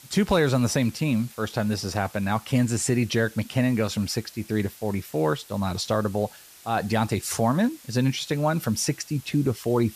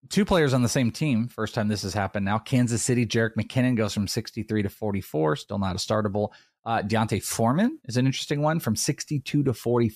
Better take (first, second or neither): second